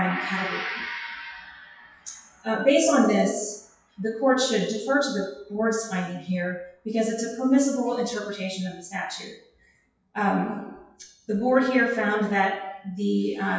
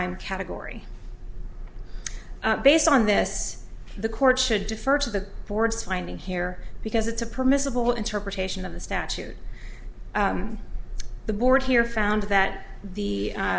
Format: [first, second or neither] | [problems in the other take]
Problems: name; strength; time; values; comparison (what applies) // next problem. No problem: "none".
second | noise reduction (classical method WPE with log-MMSE)